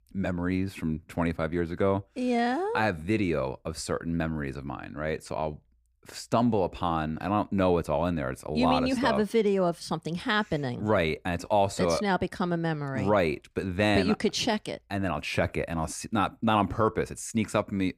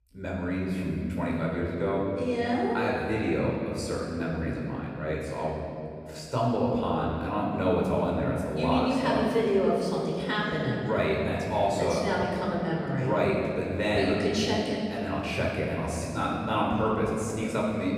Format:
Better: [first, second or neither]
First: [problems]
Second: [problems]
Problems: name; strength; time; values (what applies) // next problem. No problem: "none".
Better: first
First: none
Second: room echo; noticeable; dies away in 2.5 s // off-mic speech; far